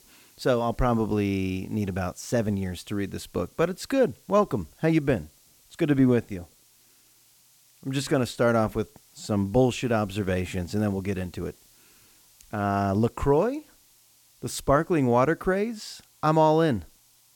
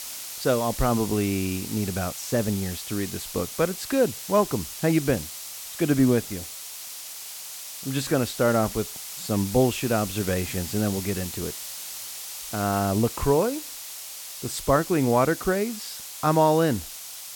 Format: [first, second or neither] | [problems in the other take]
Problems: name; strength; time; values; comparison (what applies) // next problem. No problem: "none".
first | hiss; loud; throughout; 9 dB below the speech; faint in the first